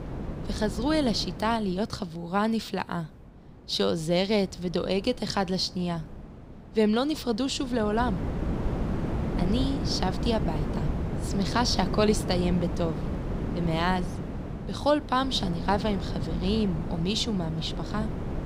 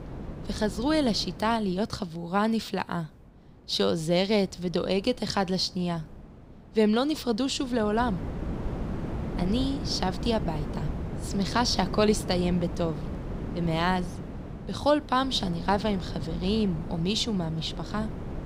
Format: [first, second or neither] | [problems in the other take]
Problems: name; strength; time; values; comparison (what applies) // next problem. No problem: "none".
second | wind noise on the microphone; heavy; 10 dB below the speech; occasional gusts in the second